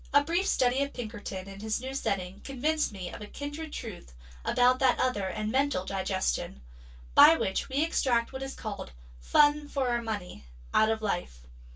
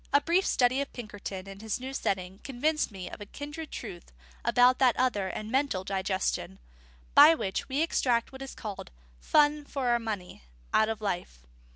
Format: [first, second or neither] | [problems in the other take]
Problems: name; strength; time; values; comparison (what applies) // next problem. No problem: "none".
second | room echo; dies away in 0.1 s